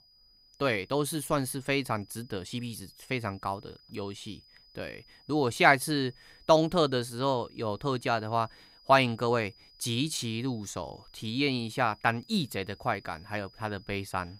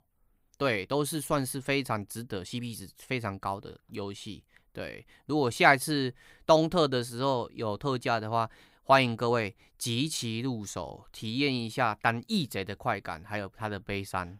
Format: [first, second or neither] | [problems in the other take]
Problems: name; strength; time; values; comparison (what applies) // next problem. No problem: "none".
second | high-pitched whine; faint; throughout; 5 kHz, 25 dB below the speech